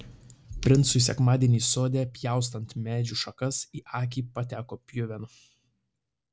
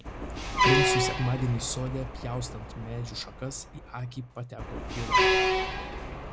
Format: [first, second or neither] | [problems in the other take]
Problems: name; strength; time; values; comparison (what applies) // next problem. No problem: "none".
first | background sound (Truck); 4 dB above the speech